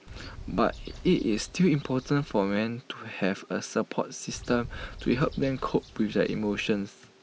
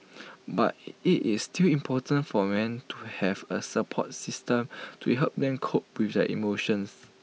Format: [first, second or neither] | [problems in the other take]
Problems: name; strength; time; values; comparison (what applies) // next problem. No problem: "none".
second | background sound (Bird); 15 dB below the speech